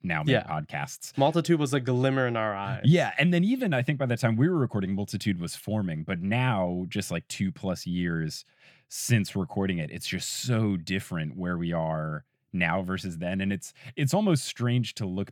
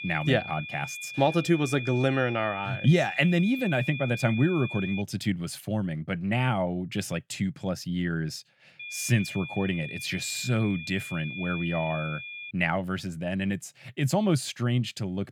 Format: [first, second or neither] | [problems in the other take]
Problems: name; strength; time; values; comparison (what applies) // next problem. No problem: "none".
first | high-pitched whine; loud; until 5 s and from 9 to 13 s; 2.5 kHz, 9 dB below the speech